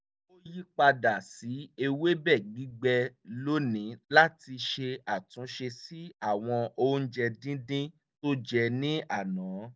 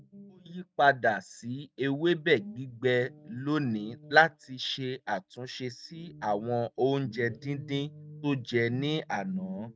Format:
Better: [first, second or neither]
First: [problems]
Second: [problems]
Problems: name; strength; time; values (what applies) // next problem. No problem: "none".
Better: first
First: none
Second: noise reduction (neural mask model RNNoise)